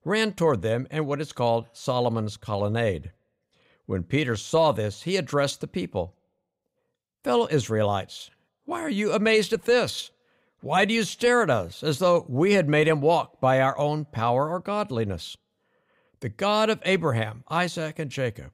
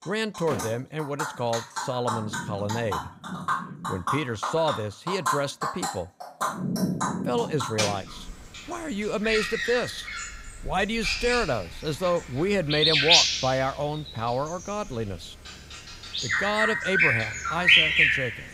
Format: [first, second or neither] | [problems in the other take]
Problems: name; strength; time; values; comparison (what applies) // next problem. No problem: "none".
first | animal sounds; very loud; throughout; 4 dB above the speech